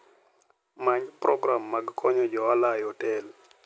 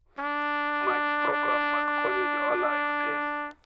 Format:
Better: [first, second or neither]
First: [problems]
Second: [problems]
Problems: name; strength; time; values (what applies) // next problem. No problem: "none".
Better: first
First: none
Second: noise reduction (neural diffusion model UNIVERSE++)